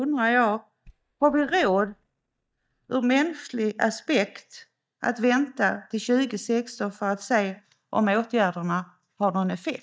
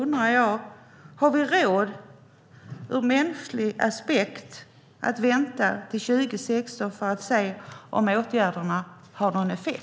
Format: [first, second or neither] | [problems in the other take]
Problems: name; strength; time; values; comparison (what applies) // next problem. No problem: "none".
second | noise reduction (neural mask model DeepFilterNet 3)